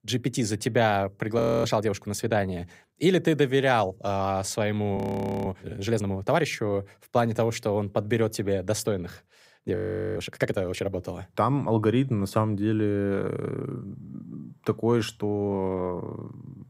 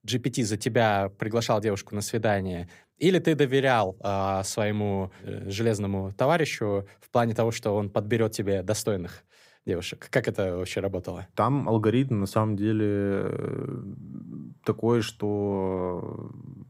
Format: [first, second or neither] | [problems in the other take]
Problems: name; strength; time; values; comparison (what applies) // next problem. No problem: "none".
second | audio freezing; at 1.5 s, at 5 s and at 10 s